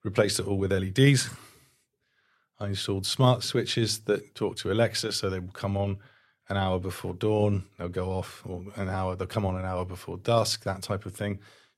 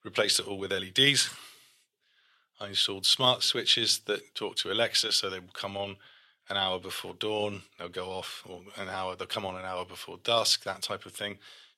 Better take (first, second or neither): first